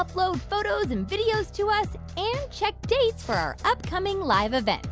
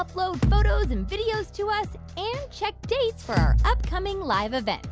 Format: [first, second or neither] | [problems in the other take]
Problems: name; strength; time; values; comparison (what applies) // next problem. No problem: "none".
first | background sound (Bass drum); 3 dB above the speech